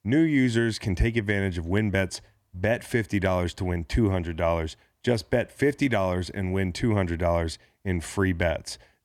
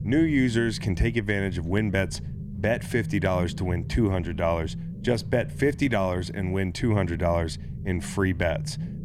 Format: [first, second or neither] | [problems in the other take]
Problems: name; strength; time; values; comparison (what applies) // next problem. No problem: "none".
first | low rumble; noticeable; throughout; 20 dB below the speech